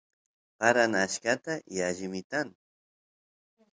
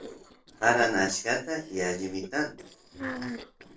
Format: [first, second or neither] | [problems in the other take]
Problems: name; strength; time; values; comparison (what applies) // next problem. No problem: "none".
first | noise reduction (neural separator model SepFormer DNS4)